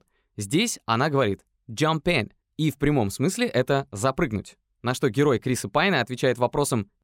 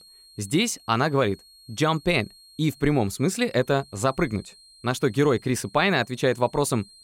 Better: first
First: none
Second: high-pitched whine; faint; throughout; 4 kHz, 25 dB below the speech

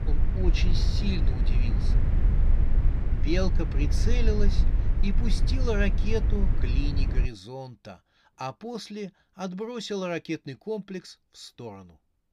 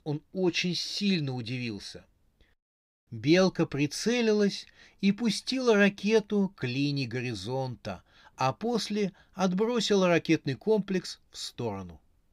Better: second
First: low rumble; loud; until 7.5 s; 7 dB below the speech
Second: none

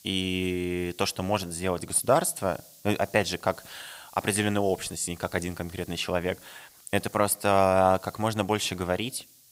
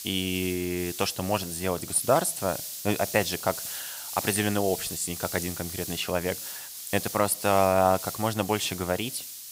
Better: first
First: hiss; faint; throughout; 25 dB below the speech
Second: hiss; loud; throughout; 8 dB below the speech

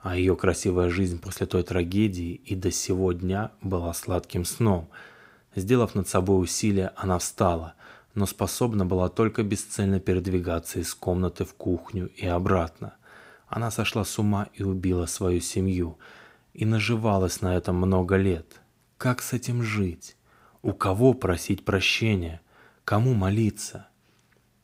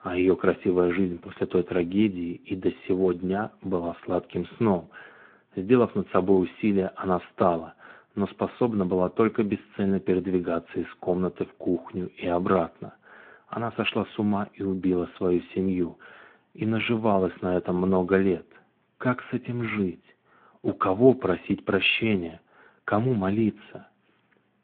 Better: first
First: none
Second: phone-call audio

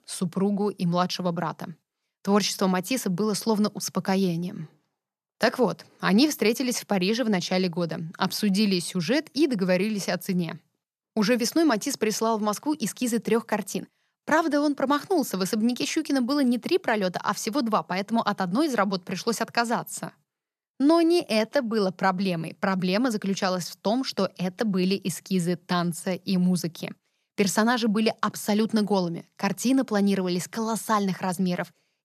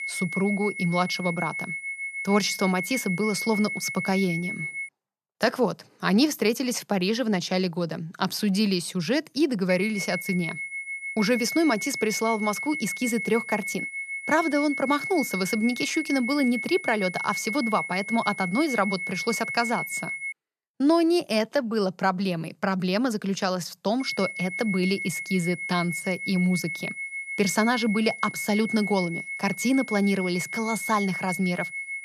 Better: first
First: none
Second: high-pitched whine; loud; until 5 s, from 9.5 to 20 s and from 24 s on; 2 kHz, 5 dB below the speech

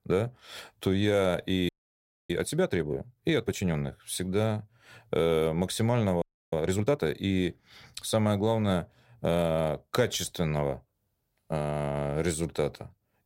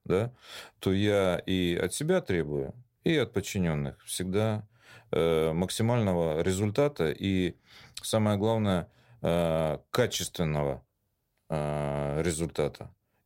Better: second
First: audio freezing; at 1.5 s for 0.5 s and at 6 s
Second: none

